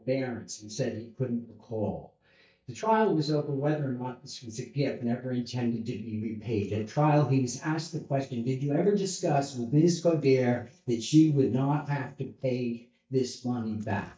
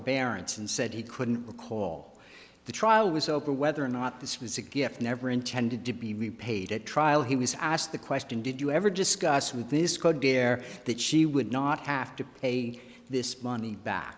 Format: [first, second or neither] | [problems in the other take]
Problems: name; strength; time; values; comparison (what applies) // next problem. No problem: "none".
second | noise reduction (neural mask model DeepFilterNet 3)